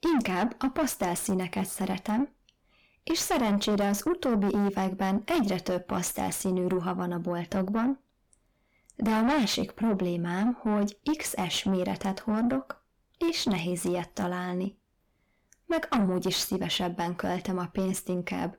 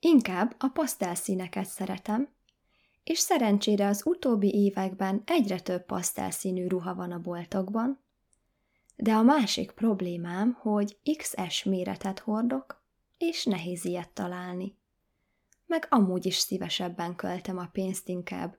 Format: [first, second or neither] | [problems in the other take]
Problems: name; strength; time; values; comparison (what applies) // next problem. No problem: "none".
second | distortion; heavy; 6 dB below the speech